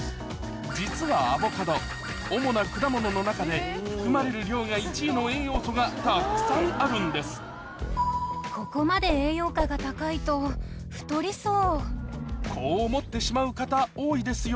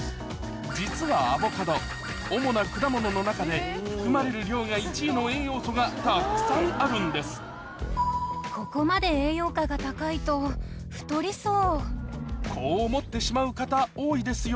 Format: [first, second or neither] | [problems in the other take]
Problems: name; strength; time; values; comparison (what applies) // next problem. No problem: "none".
second | background sound (Whoosh, swoosh, swish); 7 dB below the speech